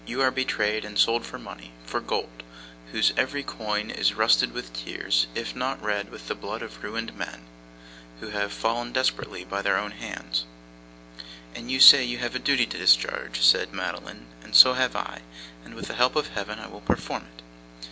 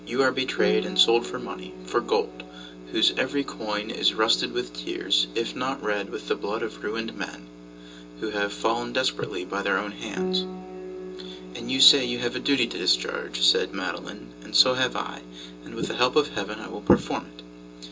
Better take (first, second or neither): first